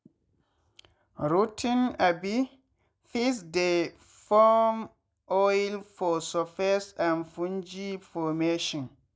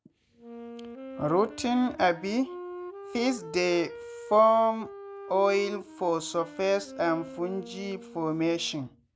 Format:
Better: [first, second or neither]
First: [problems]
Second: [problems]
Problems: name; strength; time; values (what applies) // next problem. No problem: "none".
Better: first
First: none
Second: background sound (Wind instrument, woodwind instrument); 14 dB below the speech